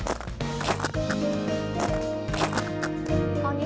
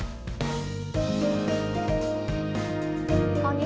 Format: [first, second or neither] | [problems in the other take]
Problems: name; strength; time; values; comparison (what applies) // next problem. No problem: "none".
second | background sound (Walk, footsteps); 5 dB below the speech